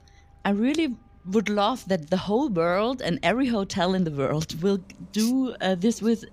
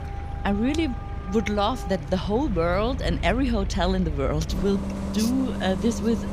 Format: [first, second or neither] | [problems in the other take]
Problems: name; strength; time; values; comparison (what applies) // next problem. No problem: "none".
first | traffic noise; loud; throughout; 6 dB below the speech; faint in the first